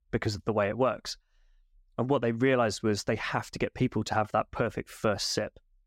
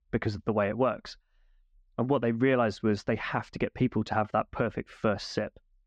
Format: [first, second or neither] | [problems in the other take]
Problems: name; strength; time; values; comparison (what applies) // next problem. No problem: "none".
first | muffled; slightly; fading above 3.5 kHz